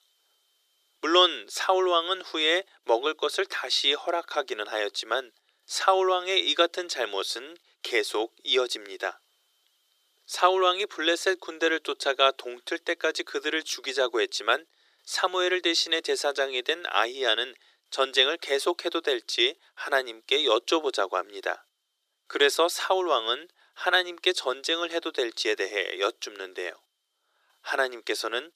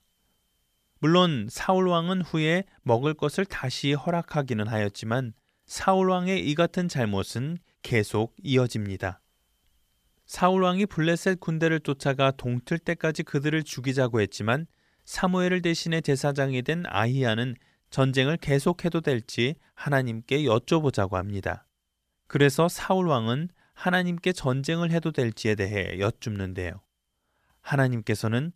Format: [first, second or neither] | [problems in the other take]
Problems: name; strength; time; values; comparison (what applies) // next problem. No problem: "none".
second | thin; very; fading below 350 Hz